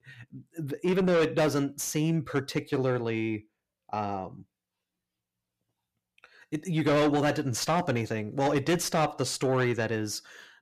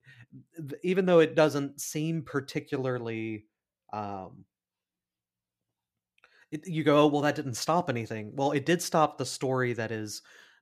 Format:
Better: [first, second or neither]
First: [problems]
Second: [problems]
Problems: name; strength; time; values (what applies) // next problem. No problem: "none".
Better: second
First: distortion; heavy; 7 dB below the speech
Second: none